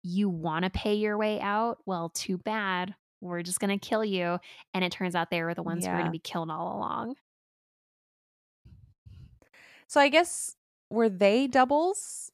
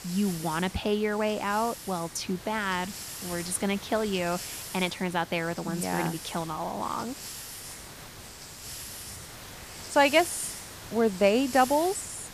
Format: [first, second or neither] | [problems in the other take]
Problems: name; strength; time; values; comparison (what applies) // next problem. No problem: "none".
first | hiss; noticeable; throughout; 10 dB below the speech